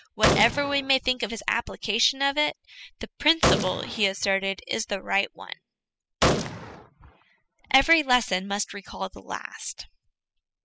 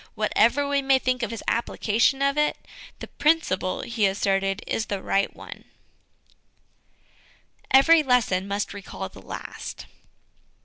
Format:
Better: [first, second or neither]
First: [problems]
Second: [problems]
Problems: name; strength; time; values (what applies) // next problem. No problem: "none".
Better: second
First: noise reduction (classical method spectral subtraction)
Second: none